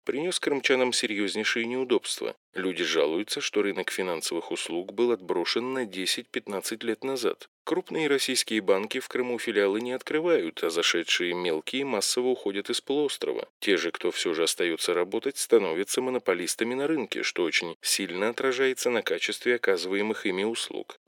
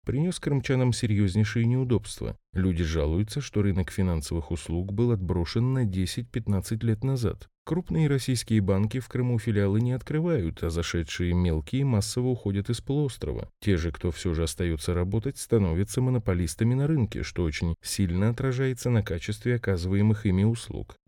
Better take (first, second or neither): second